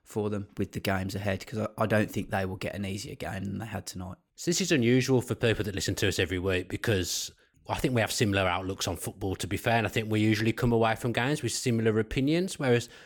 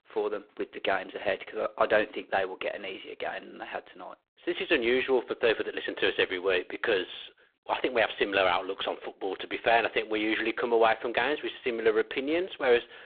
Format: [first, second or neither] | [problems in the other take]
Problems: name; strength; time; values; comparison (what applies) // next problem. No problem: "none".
first | phone-call audio; poor line